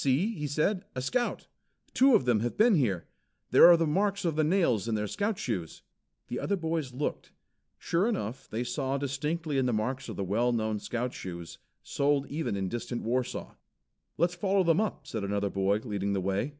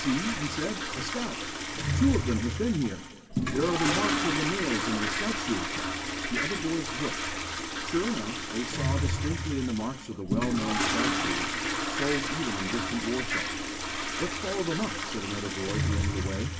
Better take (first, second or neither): first